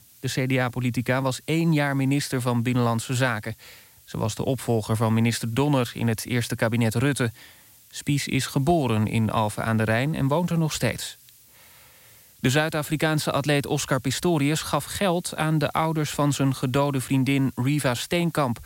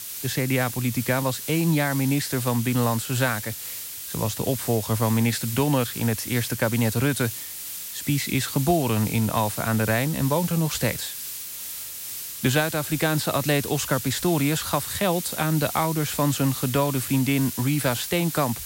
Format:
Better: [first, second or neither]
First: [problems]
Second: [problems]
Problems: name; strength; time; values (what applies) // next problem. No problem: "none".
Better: first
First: hiss; faint; throughout; 25 dB below the speech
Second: hiss; loud; throughout; 7 dB below the speech